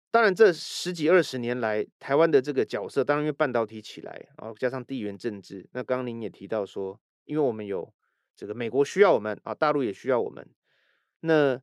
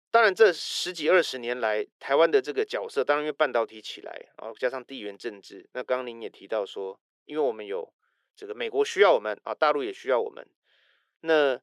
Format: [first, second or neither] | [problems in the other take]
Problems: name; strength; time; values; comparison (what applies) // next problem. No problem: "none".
first | thin; somewhat; fading below 500 Hz